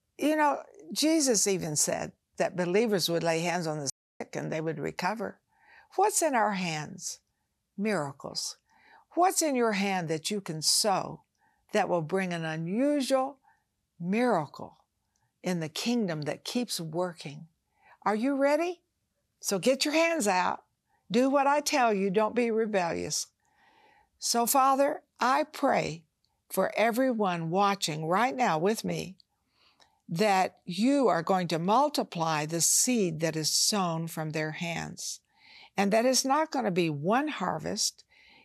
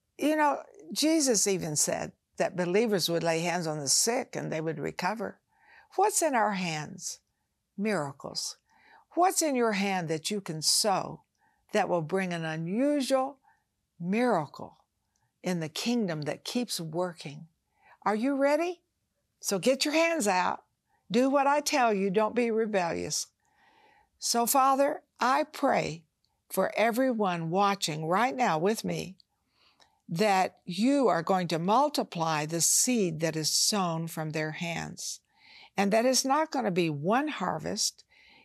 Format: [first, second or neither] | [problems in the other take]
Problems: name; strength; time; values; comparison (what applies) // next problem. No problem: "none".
second | audio cutting out; at 4 s